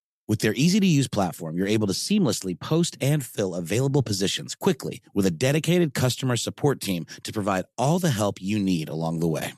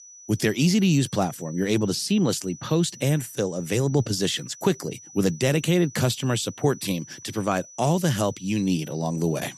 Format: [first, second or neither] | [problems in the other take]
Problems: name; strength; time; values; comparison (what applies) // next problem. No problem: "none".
first | high-pitched whine; noticeable; throughout; 6 kHz, 20 dB below the speech